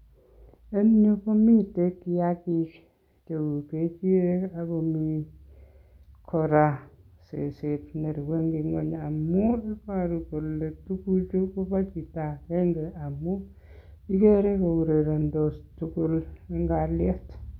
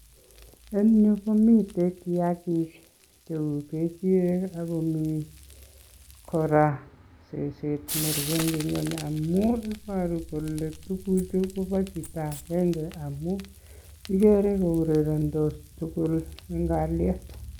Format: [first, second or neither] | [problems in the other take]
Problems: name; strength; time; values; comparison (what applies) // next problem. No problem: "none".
first | background sound (Wild animals + Frying (food)); 17 dB below the speech